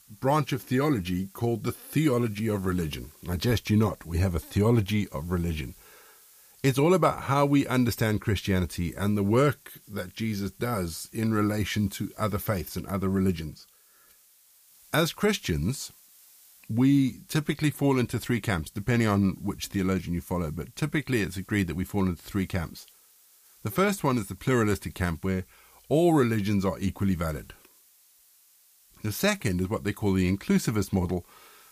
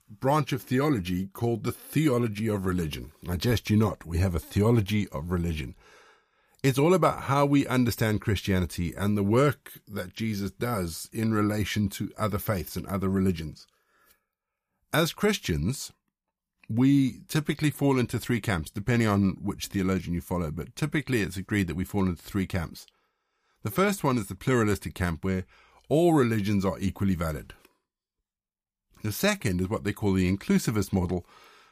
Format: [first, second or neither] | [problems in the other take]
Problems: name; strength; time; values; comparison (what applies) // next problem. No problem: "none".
second | hiss; faint; throughout; 25 dB below the speech